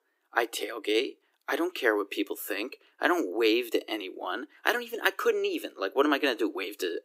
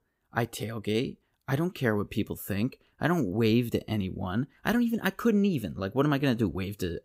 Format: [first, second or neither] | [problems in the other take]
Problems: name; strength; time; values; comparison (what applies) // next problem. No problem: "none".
second | thin; very; fading below 300 Hz